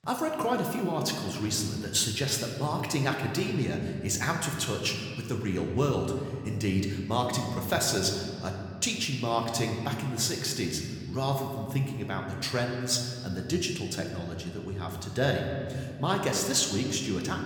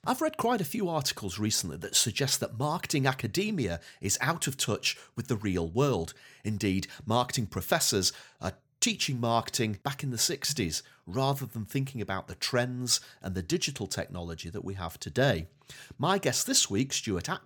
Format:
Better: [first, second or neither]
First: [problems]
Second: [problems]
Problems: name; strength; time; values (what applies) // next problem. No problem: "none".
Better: second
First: room echo; slight; dies away in 2 s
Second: none